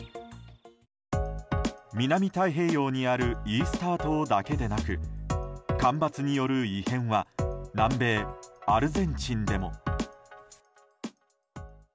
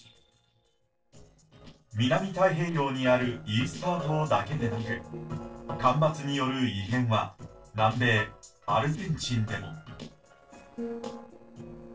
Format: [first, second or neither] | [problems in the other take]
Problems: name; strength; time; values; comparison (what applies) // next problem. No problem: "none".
first | noise reduction (neural separator model SepFormer DNS4)